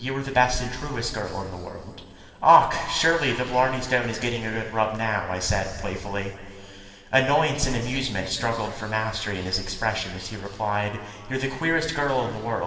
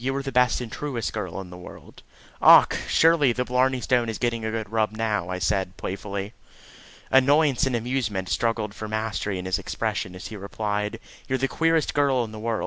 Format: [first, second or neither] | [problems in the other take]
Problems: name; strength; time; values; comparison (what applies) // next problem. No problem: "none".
second | room echo; dies away in 2.4 s